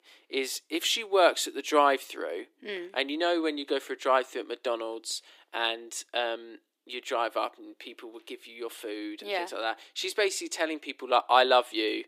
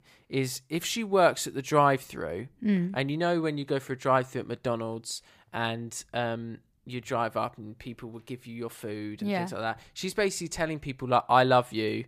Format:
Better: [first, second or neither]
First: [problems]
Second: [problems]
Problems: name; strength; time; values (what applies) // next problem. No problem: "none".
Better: second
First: thin; somewhat; fading below 300 Hz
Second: none